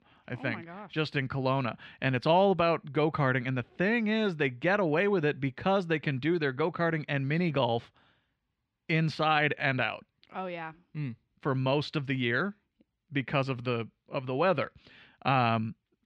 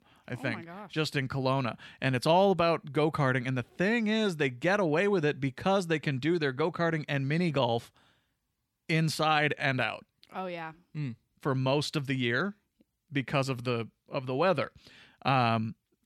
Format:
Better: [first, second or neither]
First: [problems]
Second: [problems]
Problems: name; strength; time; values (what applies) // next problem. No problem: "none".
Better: second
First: muffled; very slightly; fading above 3 kHz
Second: none